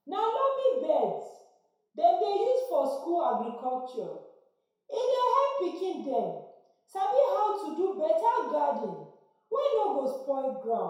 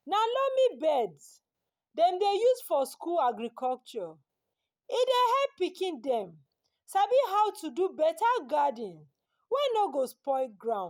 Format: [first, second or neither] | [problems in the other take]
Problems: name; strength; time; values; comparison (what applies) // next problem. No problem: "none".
second | room echo; dies away in 0.7 s